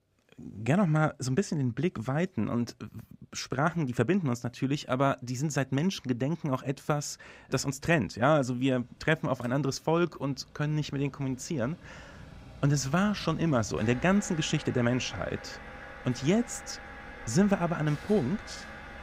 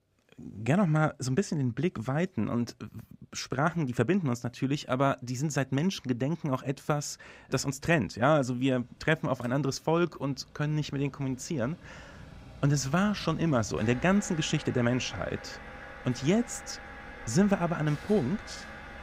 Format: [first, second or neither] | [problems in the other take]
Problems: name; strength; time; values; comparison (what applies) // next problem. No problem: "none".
neither | machinery noise; noticeable; throughout; 15 dB below the speech; the same in both